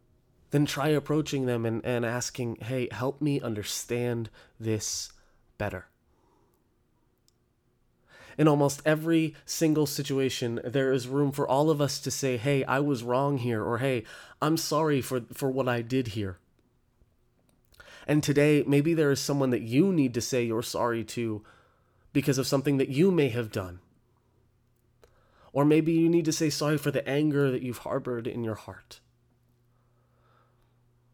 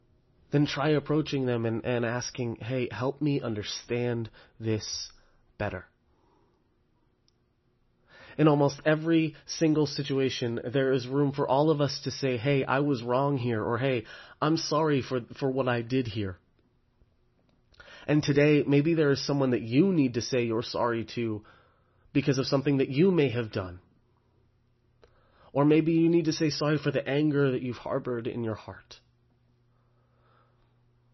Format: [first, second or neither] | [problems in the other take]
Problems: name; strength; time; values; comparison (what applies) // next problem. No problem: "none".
first | garbled, watery; slightly; nothing above 6 kHz